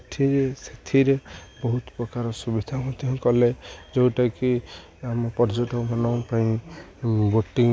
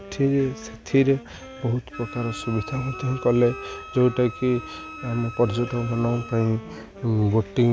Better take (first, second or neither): first